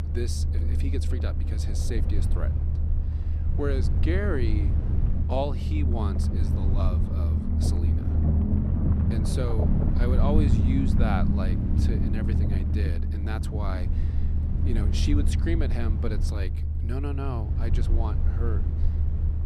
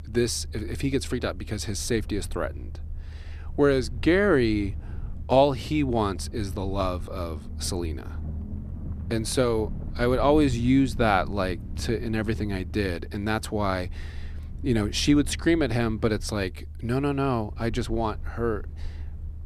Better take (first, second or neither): second